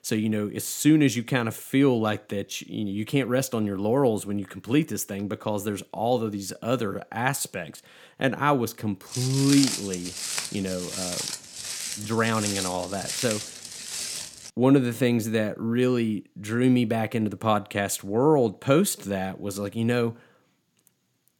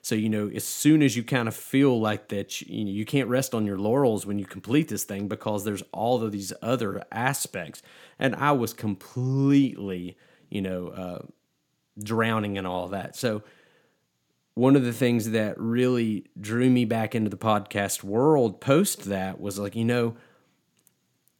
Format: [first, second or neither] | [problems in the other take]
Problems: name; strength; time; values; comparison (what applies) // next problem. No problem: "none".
second | footsteps; noticeable; from 9 to 14 s; peak level with the speech